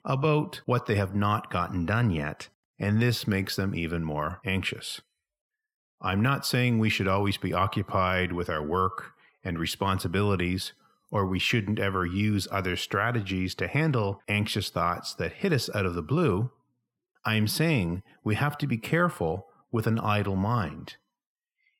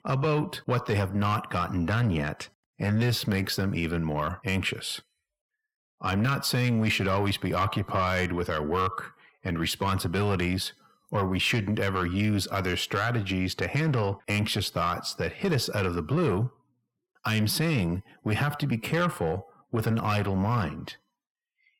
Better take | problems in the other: first | distortion; slight; 10 dB below the speech

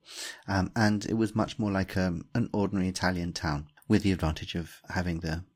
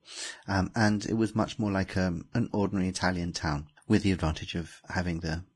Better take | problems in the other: first | garbled, watery; badly; slightly in the first

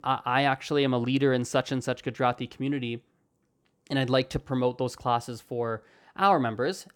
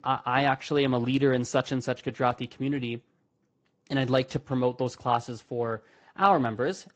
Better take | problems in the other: first | garbled, watery; slightly

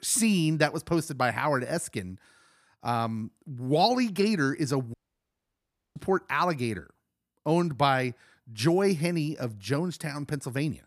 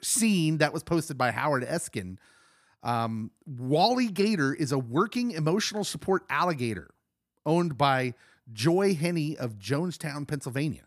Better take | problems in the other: second | audio cutting out; at 5 s for 1 s

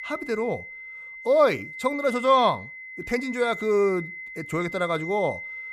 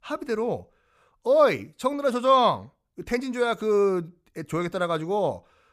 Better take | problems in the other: second | high-pitched whine; noticeable; throughout; 2 kHz, 10 dB below the speech

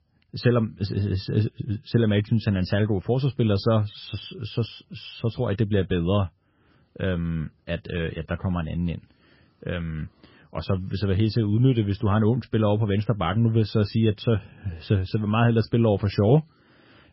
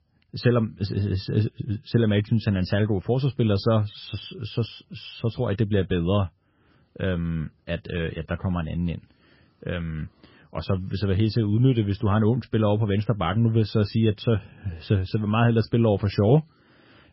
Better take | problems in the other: neither | garbled, watery; badly; nothing above 5.5 kHz; the same in both

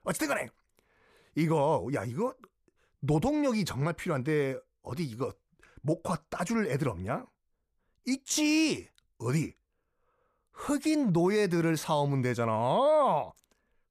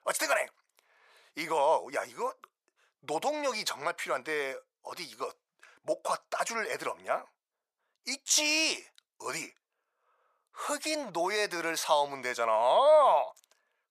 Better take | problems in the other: first | thin; very; fading below 800 Hz

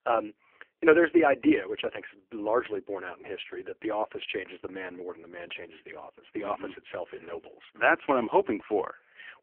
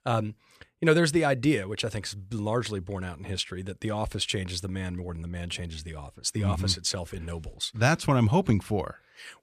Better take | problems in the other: second | phone-call audio; poor line; nothing above 3 kHz

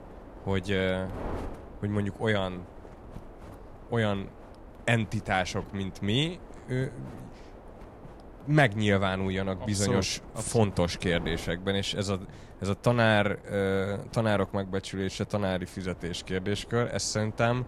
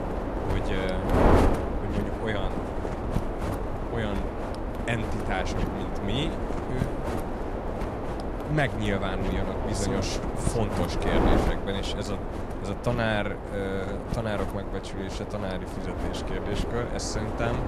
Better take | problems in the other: first | wind noise on the microphone; heavy; 1 dB above the speech; occasional gusts in the first

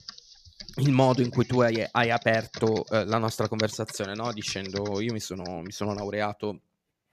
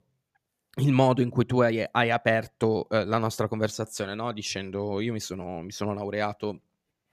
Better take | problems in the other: second | keyboard typing; noticeable; until 6 s; peak 9 dB below the speech

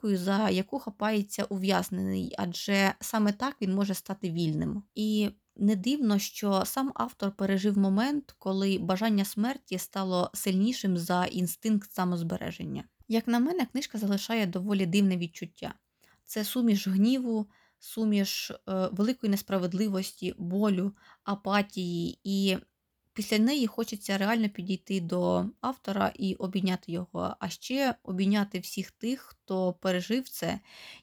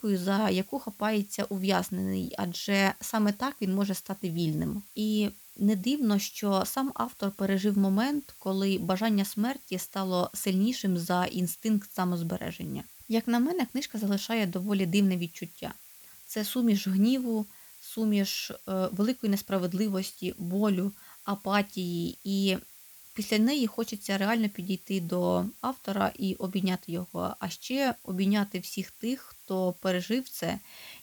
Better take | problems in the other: first | hiss; noticeable; throughout; 20 dB below the speech

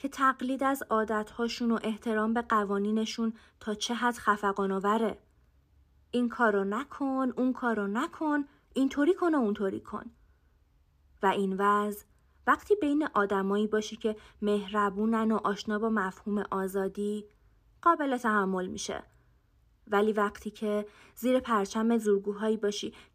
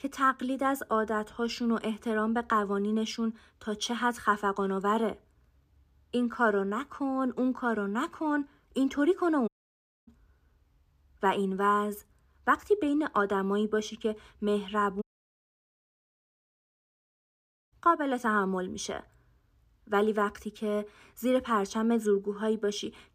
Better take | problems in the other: first | audio cutting out; at 9.5 s for 0.5 s and at 15 s for 2.5 s

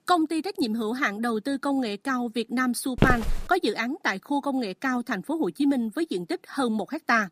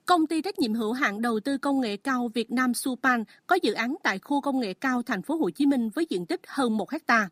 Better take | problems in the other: second | footsteps; loud; at 3 s; peak 2 dB above the speech

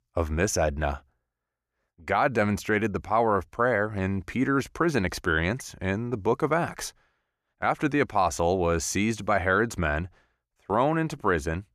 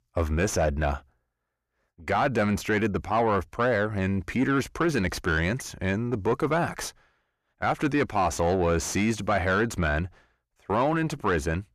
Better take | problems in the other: first | distortion; slight; 10 dB below the speech

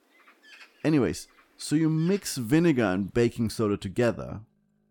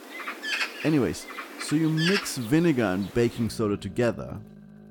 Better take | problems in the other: first | animal sounds; loud; throughout; 7 dB below the speech; faint in the first

